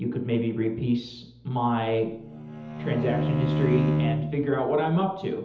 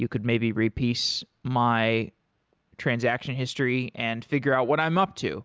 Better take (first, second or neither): second